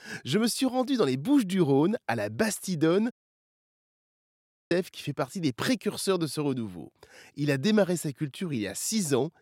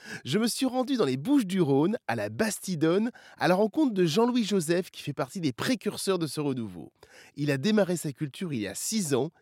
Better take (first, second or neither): second